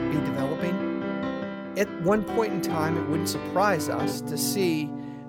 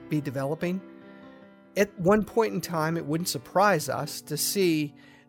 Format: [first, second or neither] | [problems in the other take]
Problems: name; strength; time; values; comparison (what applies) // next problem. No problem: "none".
second | background music; loud; throughout; 3 dB below the speech; faint in the second